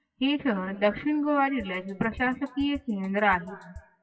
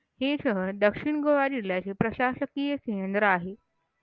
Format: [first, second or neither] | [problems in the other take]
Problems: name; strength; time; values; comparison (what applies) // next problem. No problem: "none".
second | noise reduction (classical method WPE with log-MMSE)